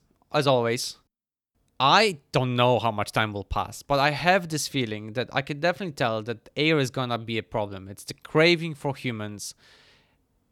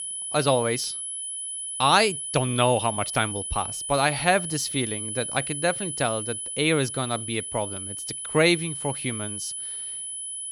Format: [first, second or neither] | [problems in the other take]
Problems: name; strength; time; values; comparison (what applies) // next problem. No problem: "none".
first | high-pitched whine; loud; throughout; 10 kHz, 5 dB below the speech